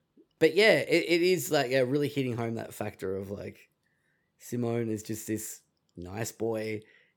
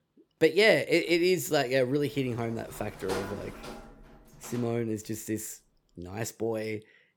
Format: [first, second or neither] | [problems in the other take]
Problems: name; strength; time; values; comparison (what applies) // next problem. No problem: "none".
first | door banging; noticeable; from 2 to 4.5 s; peak 8 dB below the speech